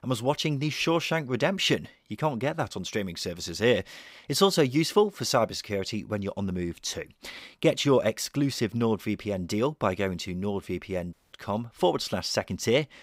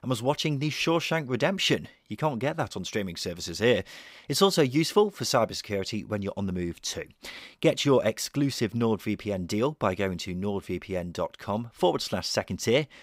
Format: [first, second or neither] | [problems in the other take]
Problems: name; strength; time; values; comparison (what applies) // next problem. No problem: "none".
second | audio cutting out; at 11 s